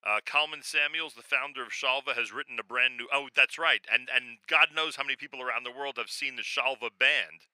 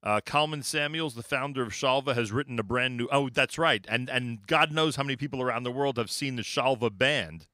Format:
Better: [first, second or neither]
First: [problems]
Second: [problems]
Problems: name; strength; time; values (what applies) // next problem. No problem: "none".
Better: second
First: thin; very; fading below 500 Hz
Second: none